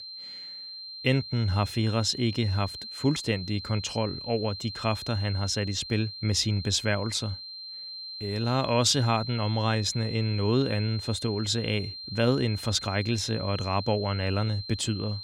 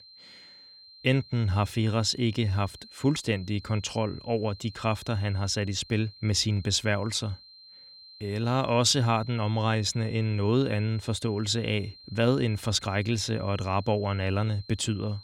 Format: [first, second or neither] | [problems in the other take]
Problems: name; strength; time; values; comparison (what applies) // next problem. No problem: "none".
second | high-pitched whine; loud; throughout; 4 kHz, 9 dB below the speech; faint in the second